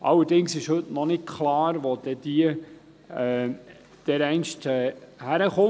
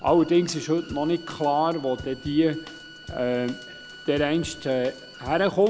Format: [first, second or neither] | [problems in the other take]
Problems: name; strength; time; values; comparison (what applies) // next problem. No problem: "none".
first | background sound (Drum kit + Bowed string instrument); 18 dB below the speech